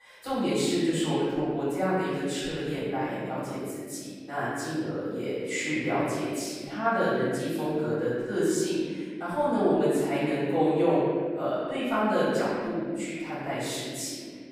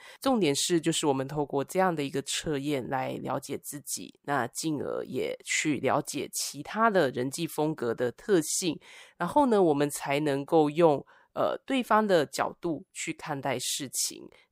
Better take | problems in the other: second | off-mic speech; far // room echo; strong; dies away in 2.1 s

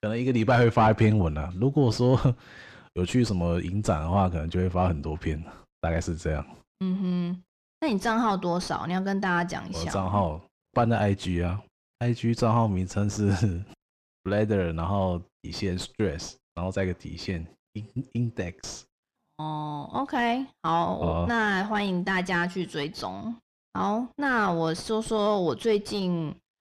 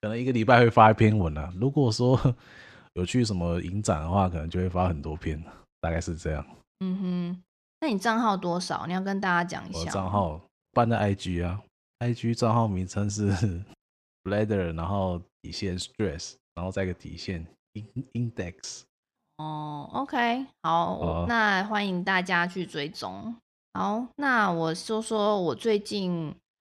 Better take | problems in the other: second | distortion; slight; 10 dB below the speech

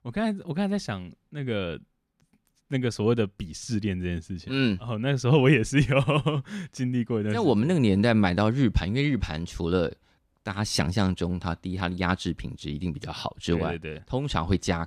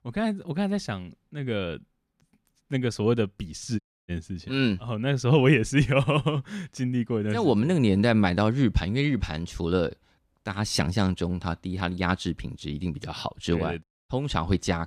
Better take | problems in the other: first | audio cutting out; at 4 s and at 14 s

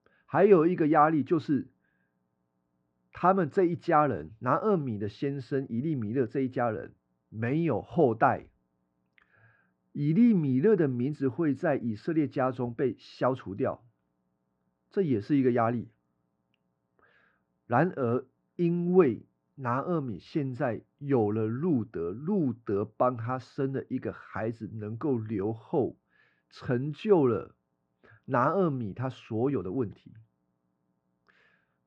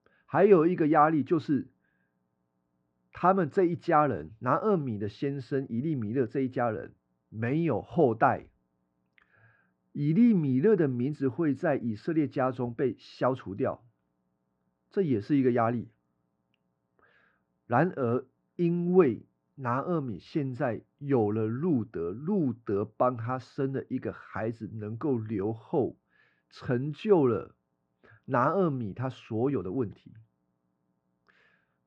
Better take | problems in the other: neither | muffled; very; fading above 1.5 kHz; the same in both

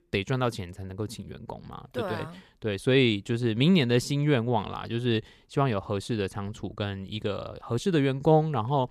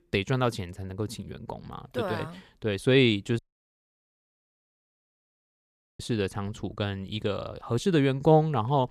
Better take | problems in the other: first | audio cutting out; at 3.5 s for 2.5 s

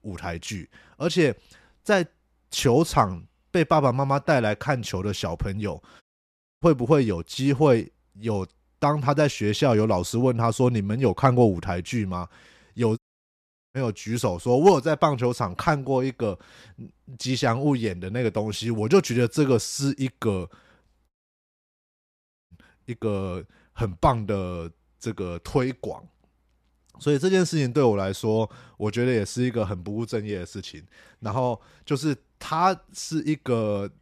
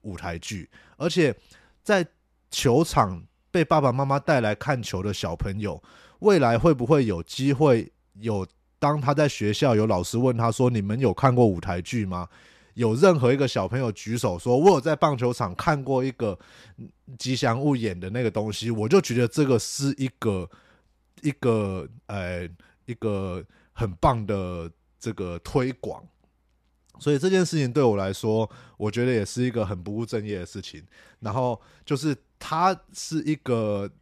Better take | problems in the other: second | audio cutting out; at 6 s for 0.5 s, at 13 s for 1 s and at 21 s for 1.5 s

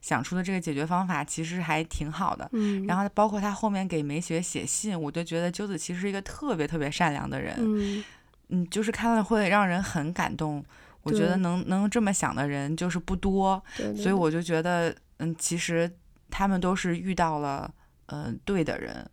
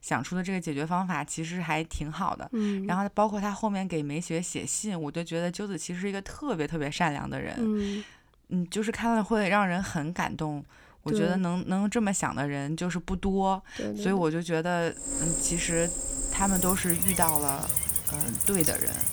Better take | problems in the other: first | animal sounds; very loud; from 15 s on; 4 dB above the speech

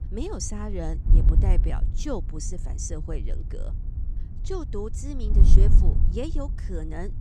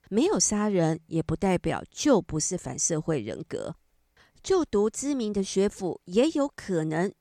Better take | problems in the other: second | wind noise on the microphone; heavy; 7 dB below the speech

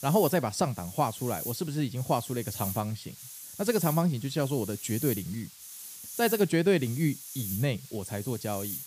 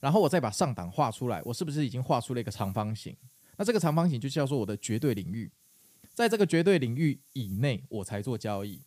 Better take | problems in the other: second | hiss; loud; throughout; 9 dB below the speech; faint in the second

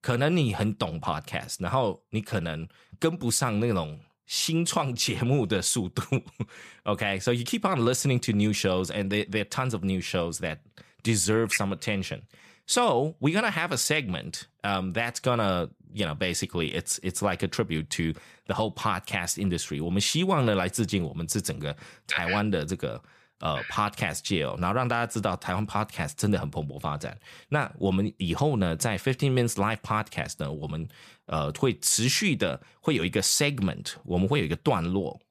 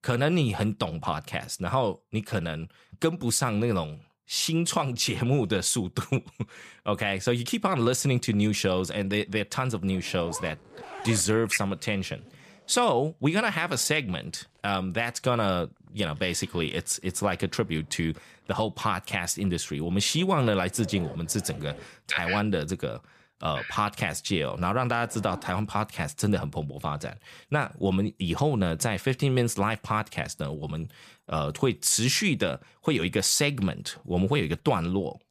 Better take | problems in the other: first | household noises; faint; from 9.5 s on; 20 dB below the speech

